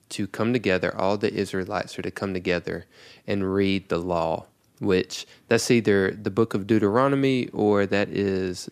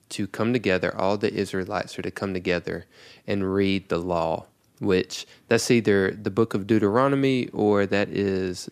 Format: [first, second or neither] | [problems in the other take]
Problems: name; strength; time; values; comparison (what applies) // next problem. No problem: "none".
neither | none